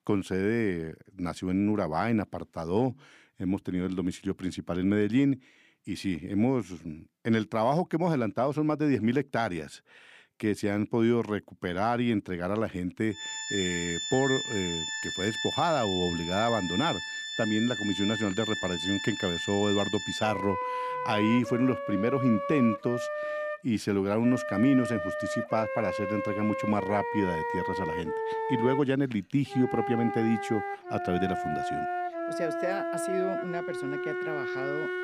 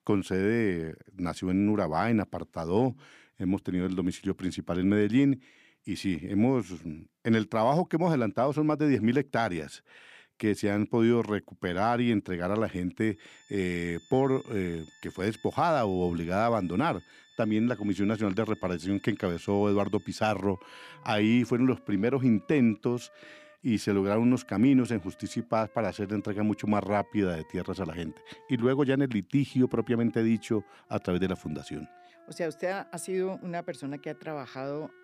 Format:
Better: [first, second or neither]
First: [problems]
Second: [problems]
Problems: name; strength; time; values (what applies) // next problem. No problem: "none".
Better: second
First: background music; loud; from 13 s on; 3 dB below the speech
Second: background music; faint; from 13 s on; 25 dB below the speech